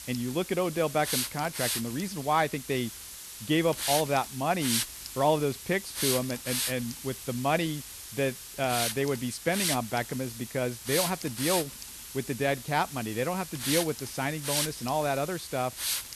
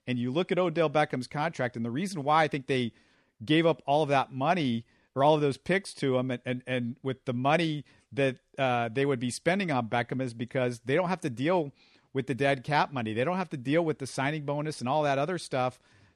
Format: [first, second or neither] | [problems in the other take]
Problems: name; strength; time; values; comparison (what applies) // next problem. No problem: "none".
second | hiss; loud; throughout; 3 dB below the speech